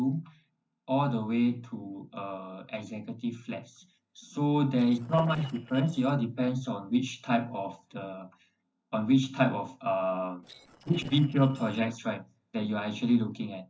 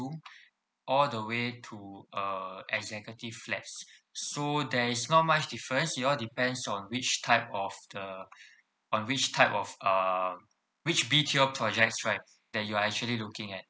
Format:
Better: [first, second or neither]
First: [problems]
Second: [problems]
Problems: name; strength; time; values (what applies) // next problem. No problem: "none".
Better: second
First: noise reduction (neural separator model SepFormer DNS4)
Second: none